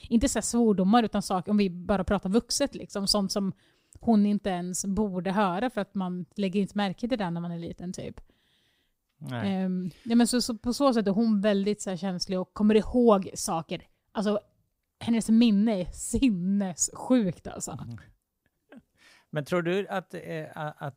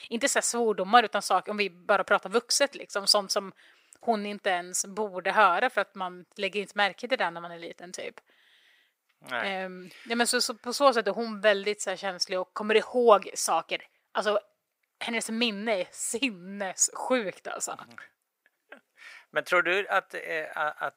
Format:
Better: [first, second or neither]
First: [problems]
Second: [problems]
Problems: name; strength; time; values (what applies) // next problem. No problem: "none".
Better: first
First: none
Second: thin; very; fading below 550 Hz